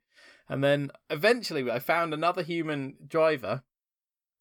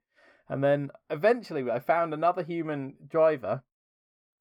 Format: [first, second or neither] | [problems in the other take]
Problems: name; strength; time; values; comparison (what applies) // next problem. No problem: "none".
first | muffled; very; fading above 2.5 kHz